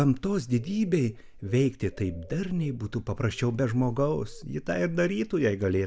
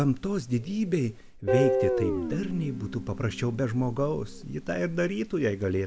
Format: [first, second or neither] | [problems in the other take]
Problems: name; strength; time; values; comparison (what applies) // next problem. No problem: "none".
first | background sound (Guitar); 4 dB below the speech